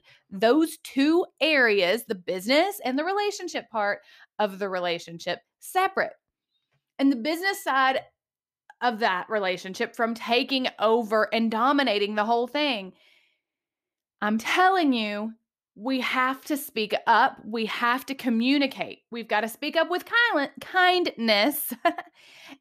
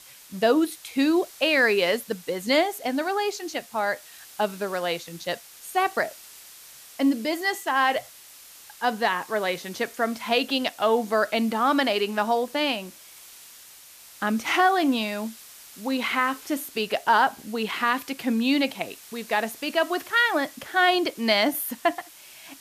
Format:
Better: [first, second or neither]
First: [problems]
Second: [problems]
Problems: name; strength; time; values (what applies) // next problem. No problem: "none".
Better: first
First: none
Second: hiss; noticeable; throughout; 20 dB below the speech